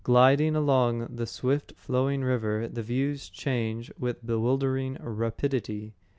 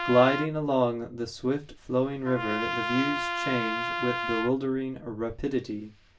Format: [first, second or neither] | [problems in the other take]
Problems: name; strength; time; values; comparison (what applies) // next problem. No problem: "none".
first | background sound (Trumpet); 6 dB below the speech // room echo; dies away in 0.2 s